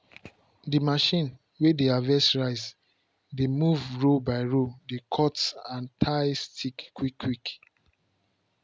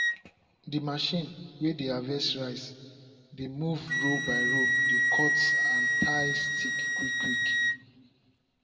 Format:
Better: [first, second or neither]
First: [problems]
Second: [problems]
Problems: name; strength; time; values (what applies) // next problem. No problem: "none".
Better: first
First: none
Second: background sound (Wind instrument, woodwind instrument); 5 dB above the speech // room echo; dies away in 1.6 s